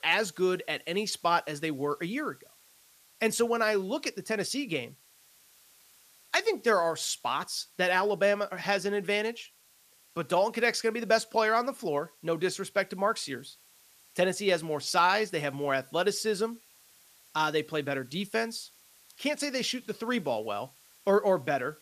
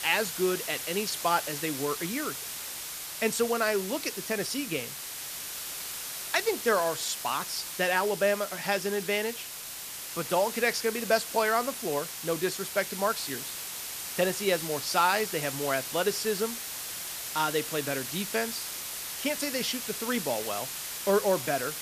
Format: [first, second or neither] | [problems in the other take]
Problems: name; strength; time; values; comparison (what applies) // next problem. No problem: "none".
first | hiss; loud; throughout; 5 dB below the speech; faint in the first